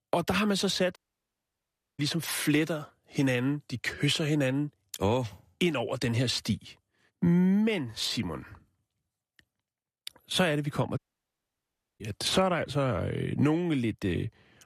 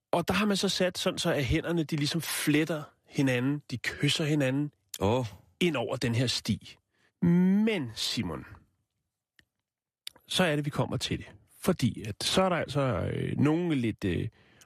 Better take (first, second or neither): second